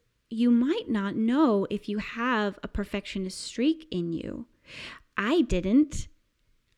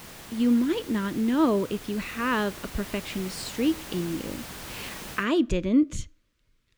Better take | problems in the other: first | hiss; noticeable; until 5 s; 15 dB below the speech

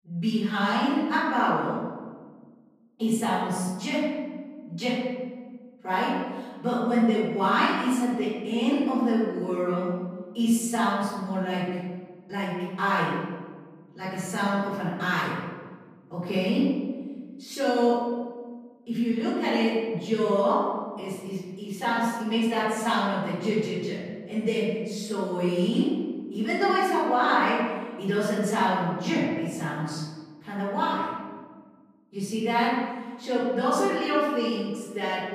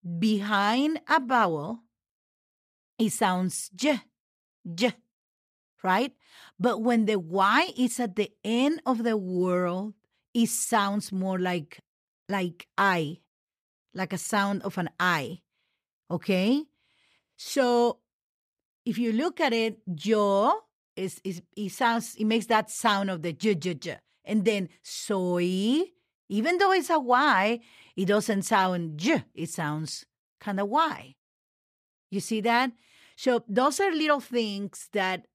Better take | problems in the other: second | off-mic speech; far // room echo; strong; dies away in 1.3 s

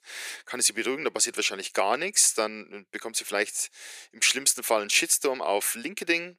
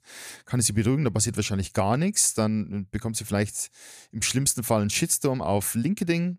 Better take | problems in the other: second | thin; very; fading below 350 Hz

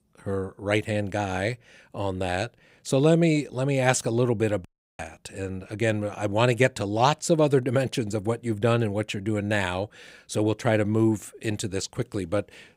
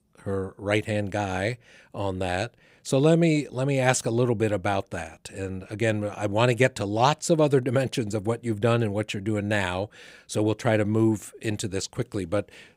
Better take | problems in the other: second | audio cutting out; at 4.5 s

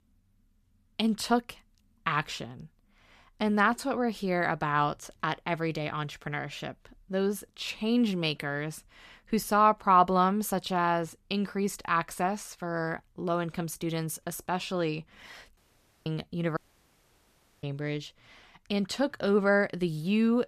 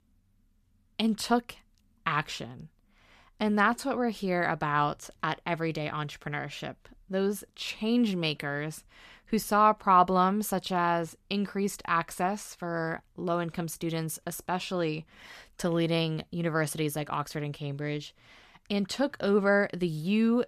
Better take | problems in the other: second | audio cutting out; at 16 s and at 17 s for 1 s

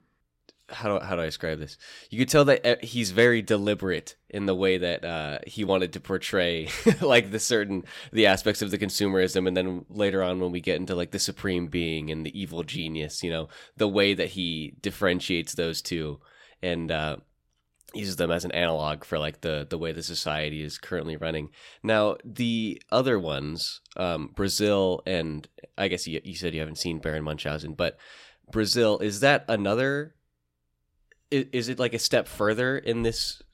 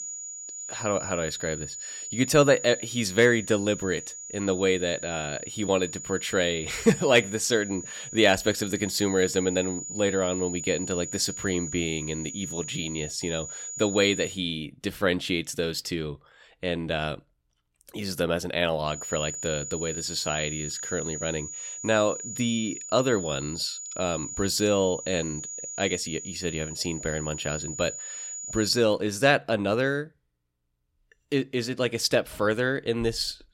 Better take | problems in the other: first | high-pitched whine; loud; until 14 s and from 19 to 29 s; 7 kHz, 8 dB below the speech

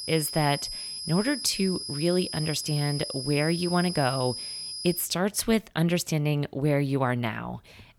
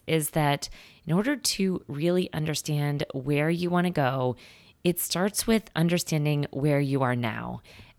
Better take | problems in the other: second | high-pitched whine; loud; until 5 s; 5 kHz, 6 dB below the speech

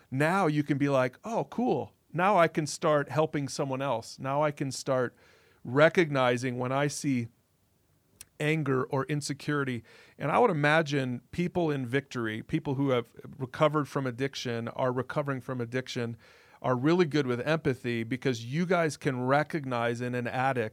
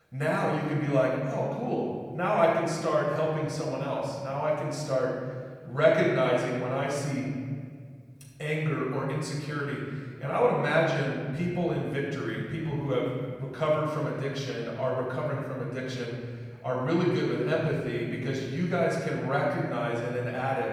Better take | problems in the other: first | off-mic speech; far // room echo; noticeable; dies away in 1.8 s

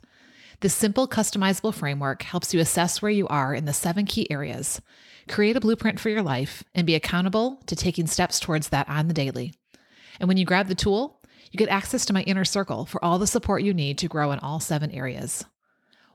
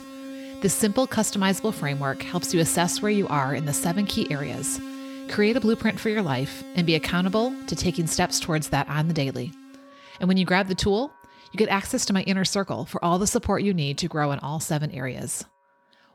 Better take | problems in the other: first | background music; noticeable; throughout; 15 dB below the speech

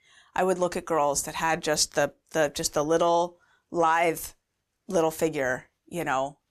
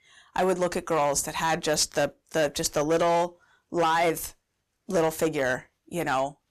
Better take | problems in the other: first | distortion; slight; 7% of the sound clipped

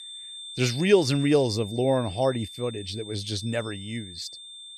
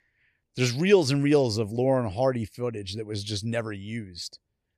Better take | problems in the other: second | high-pitched whine; noticeable; throughout; 3.5 kHz, 15 dB below the speech

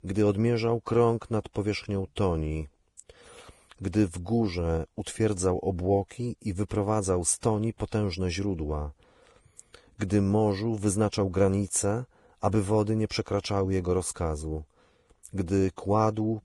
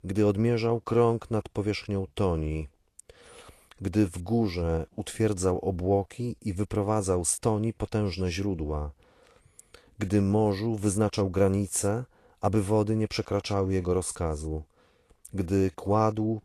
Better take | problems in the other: second | garbled, watery; badly; nothing above 10 kHz; slightly in the second

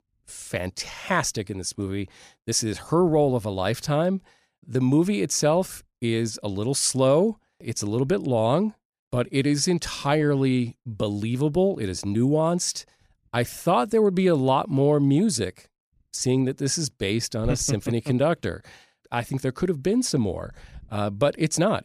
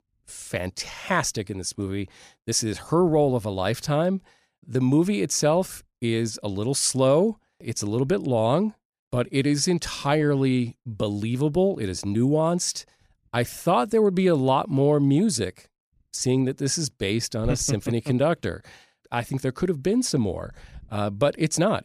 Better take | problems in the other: neither | none

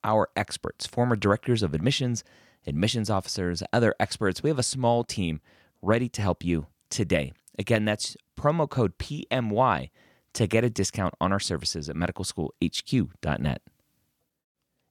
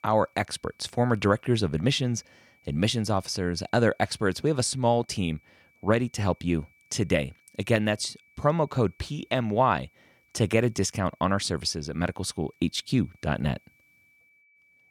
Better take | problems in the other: first | high-pitched whine; faint; throughout; 2.5 kHz, 35 dB below the speech

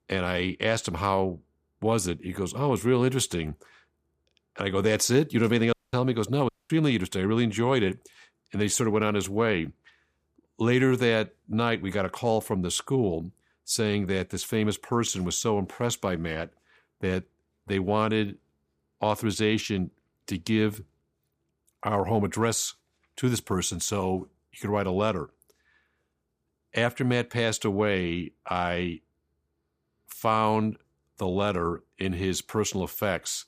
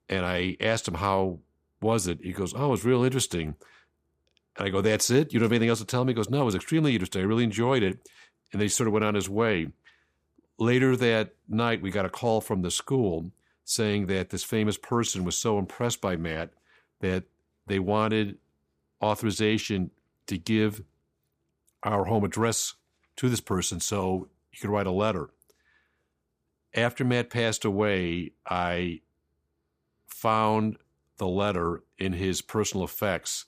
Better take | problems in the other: second | audio cutting out; at 5.5 s and at 6.5 s

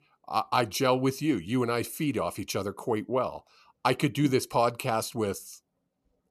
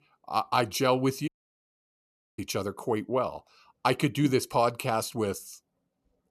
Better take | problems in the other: first | audio cutting out; at 1.5 s for 1 s

